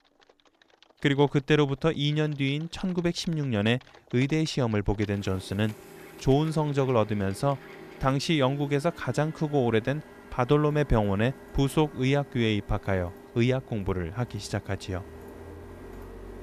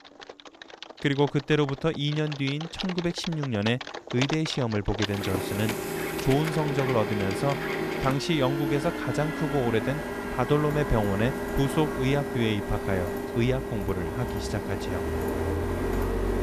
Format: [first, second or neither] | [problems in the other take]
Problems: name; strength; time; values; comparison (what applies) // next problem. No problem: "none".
first | household noises; loud; throughout; 4 dB below the speech; faint in the first